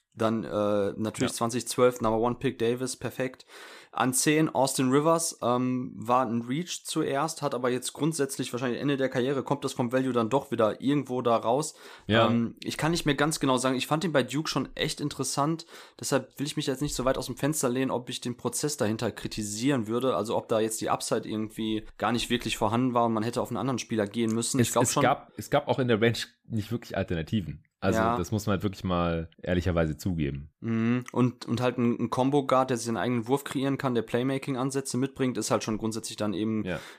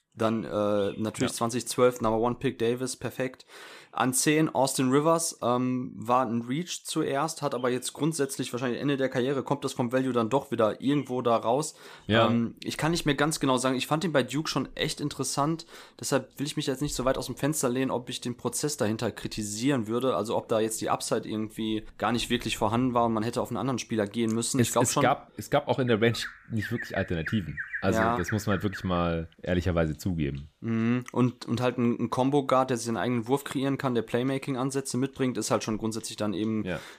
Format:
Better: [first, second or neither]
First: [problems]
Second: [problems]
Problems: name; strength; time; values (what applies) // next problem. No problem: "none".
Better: first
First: none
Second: animal sounds; noticeable; throughout; 15 dB below the speech